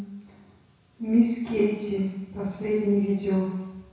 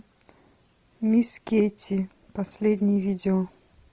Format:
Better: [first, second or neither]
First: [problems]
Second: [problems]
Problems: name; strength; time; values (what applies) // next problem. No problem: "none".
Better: second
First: room echo; dies away in 1 s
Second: none